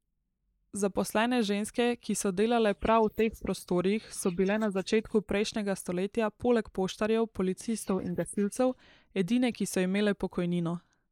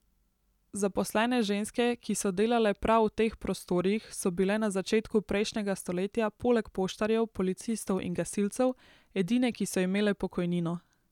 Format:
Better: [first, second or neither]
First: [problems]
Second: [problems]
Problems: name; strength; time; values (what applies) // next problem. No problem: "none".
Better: second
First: noise reduction (neural mask model Resemble Enhance denoiser)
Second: none